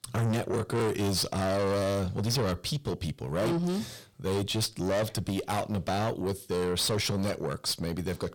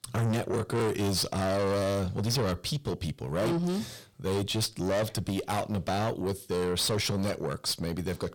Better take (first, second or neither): neither